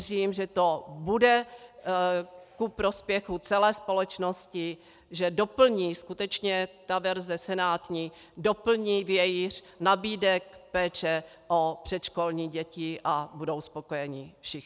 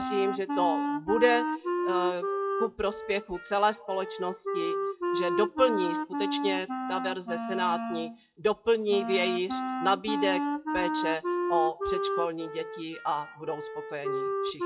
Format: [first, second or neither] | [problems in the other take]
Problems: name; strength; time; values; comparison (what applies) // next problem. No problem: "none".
first | noise reduction (classical method WPE with log-MMSE)